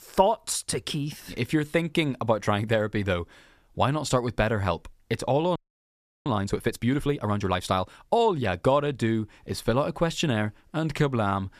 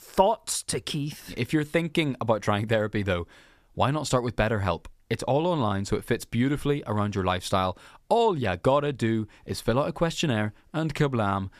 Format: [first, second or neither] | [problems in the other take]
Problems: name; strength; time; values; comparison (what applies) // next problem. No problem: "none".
second | audio freezing; at 5.5 s for 0.5 s